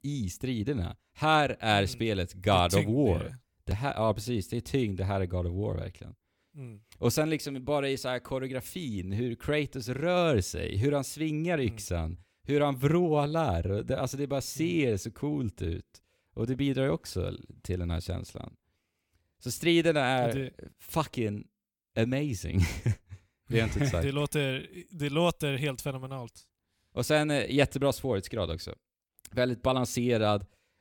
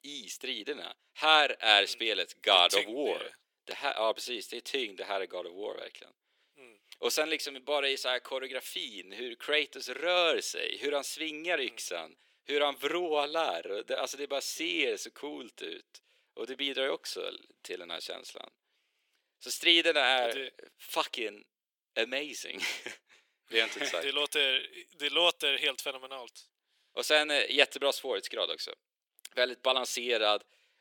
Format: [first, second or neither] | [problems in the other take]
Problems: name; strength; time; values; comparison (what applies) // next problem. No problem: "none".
first | thin; very; fading below 400 Hz